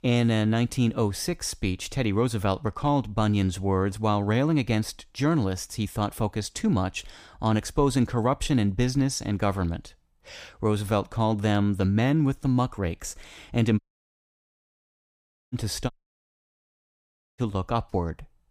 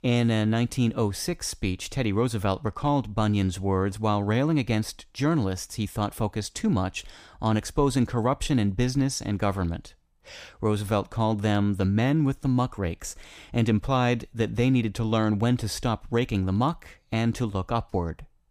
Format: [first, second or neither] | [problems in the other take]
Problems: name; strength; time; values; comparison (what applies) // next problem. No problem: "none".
second | audio cutting out; at 14 s for 1.5 s and at 16 s for 1.5 s